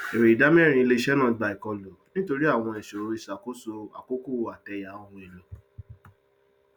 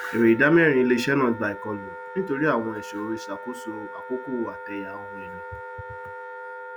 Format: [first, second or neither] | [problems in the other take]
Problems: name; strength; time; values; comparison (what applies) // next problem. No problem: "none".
first | background sound (Wind instrument, woodwind instrument); 12 dB below the speech